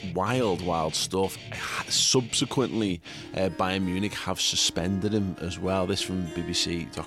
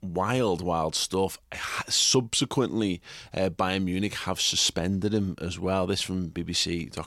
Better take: second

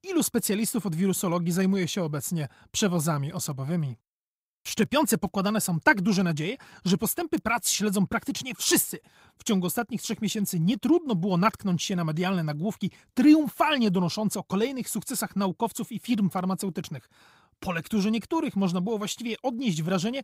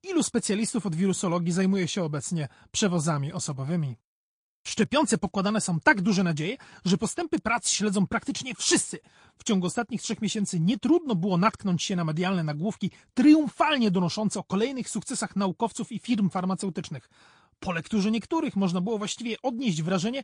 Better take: first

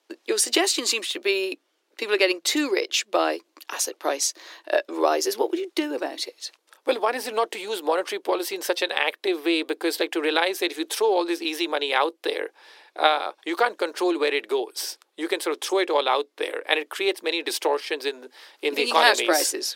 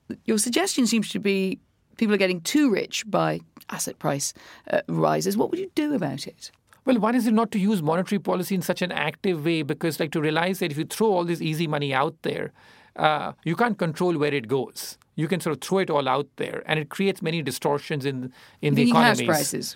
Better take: second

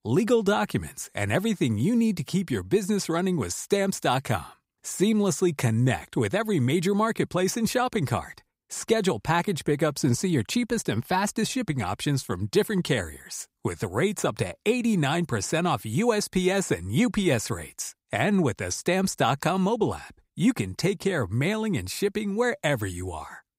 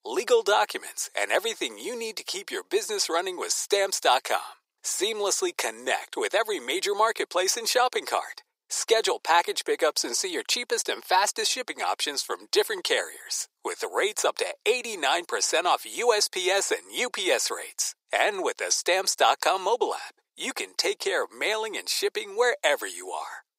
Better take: first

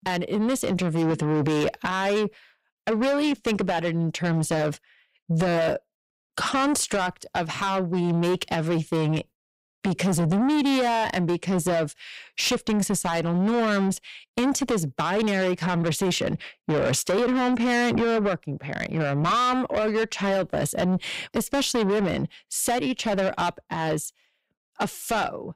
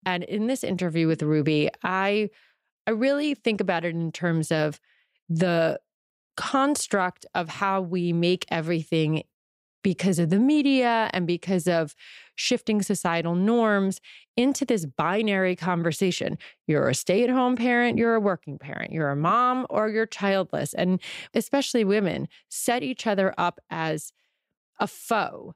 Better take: second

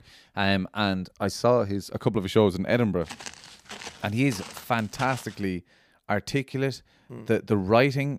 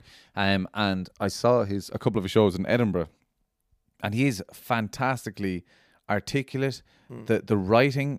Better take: second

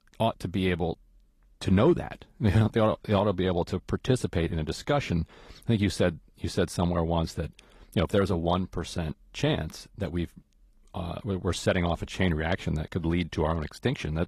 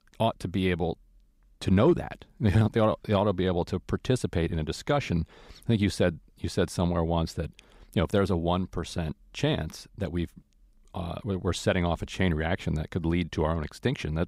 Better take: second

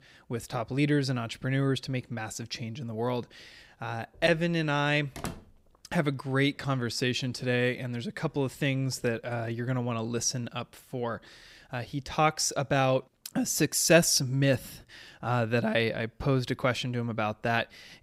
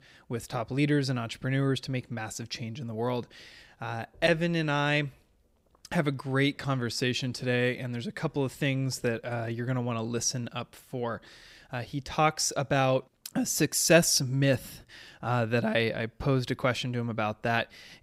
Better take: second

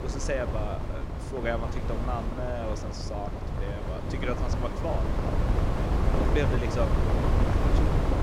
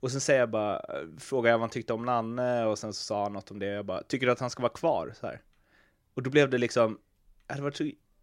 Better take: second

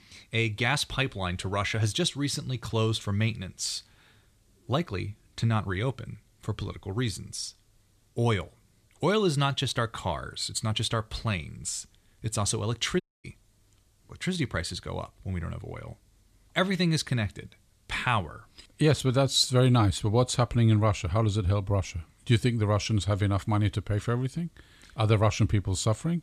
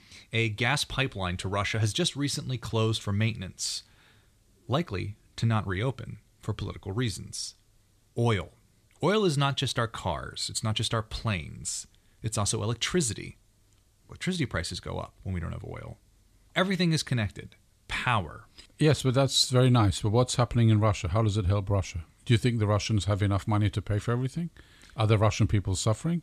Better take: second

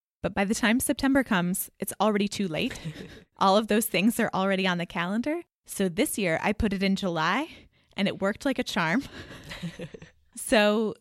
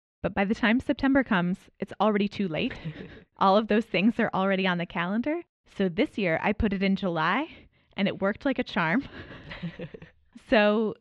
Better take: first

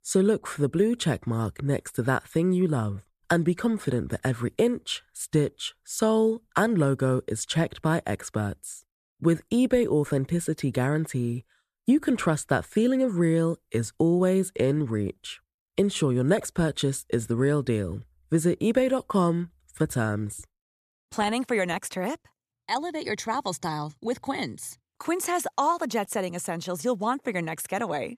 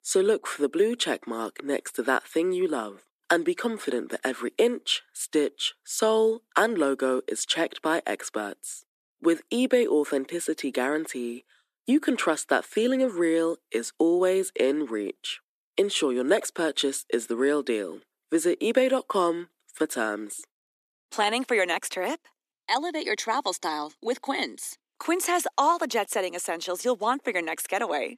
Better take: first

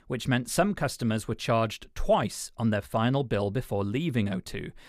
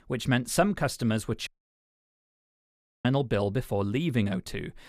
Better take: first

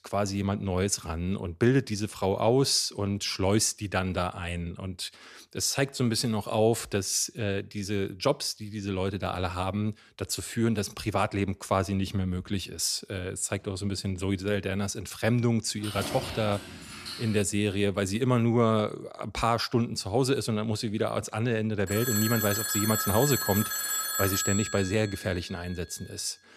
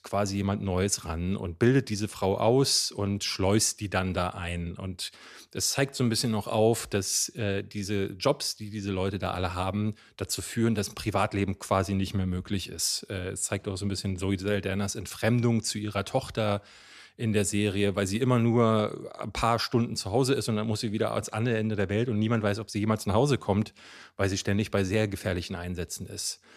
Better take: second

